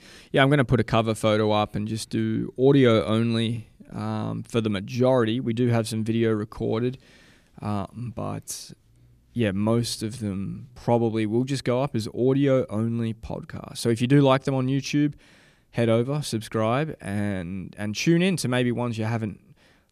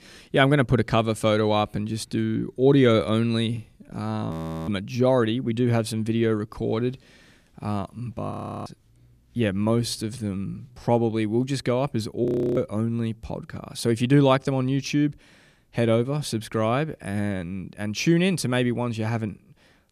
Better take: first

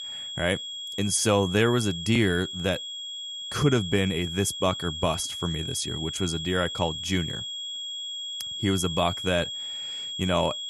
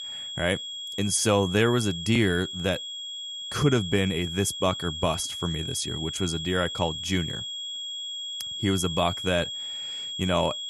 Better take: neither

